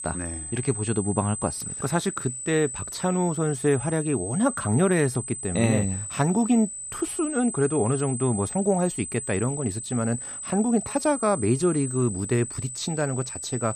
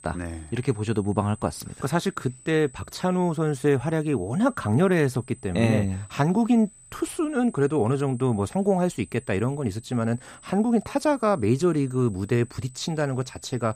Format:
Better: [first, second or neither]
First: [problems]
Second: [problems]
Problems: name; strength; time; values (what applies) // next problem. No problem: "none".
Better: second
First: high-pitched whine; loud; throughout; 8 kHz, 7 dB below the speech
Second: high-pitched whine; faint; throughout; 8 kHz, 25 dB below the speech